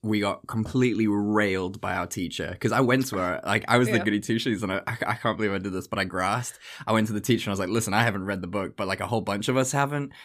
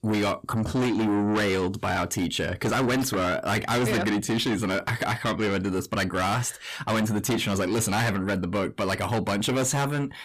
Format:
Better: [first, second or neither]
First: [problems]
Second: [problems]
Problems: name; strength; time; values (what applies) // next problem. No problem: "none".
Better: first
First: none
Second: distortion; heavy; 6 dB below the speech